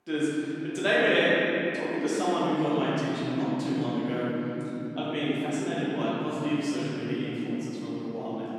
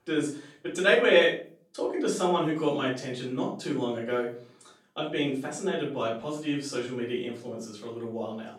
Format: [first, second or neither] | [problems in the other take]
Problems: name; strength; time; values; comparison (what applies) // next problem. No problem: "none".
second | room echo; strong; dies away in 3 s; slight in the second // off-mic speech; far; far in the second